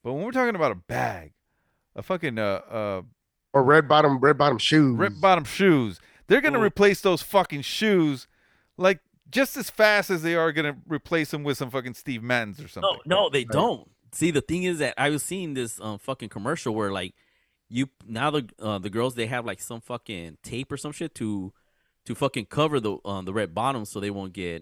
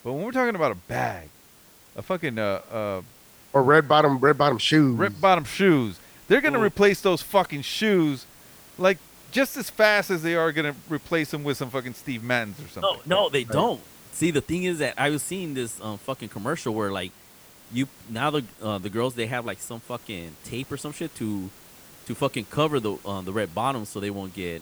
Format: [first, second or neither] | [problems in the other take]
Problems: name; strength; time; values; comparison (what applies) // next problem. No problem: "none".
first | hiss; faint; throughout; 25 dB below the speech